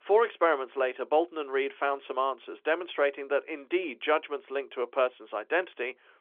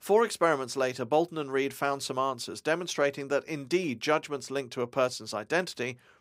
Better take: second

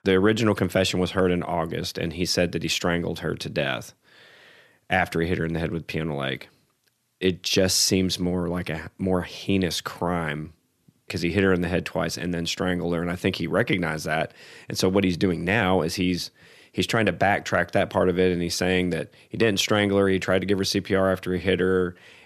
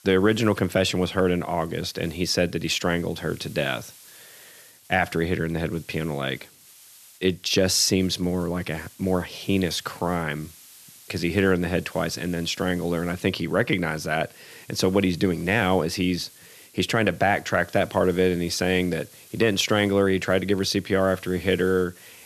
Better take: first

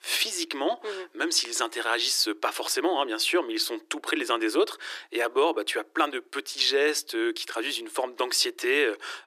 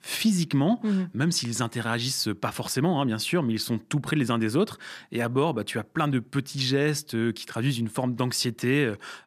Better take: second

